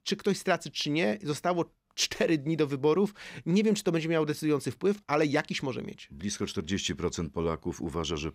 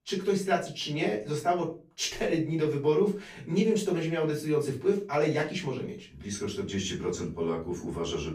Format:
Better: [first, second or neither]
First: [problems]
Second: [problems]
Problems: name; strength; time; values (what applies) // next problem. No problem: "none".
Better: first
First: none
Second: off-mic speech; far // room echo; slight; dies away in 0.3 s